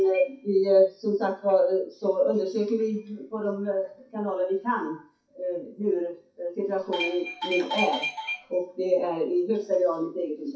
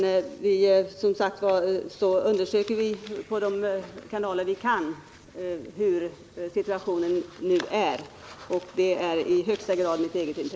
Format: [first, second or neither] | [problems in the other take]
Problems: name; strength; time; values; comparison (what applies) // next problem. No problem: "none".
second | noise reduction (classical method WPE with log-MMSE)